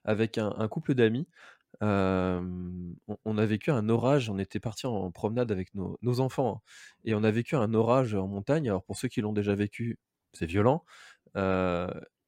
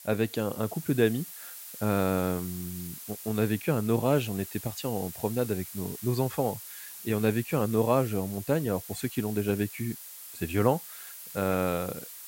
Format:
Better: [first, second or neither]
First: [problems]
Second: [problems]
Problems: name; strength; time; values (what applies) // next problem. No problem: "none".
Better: first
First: none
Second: hiss; noticeable; throughout; 10 dB below the speech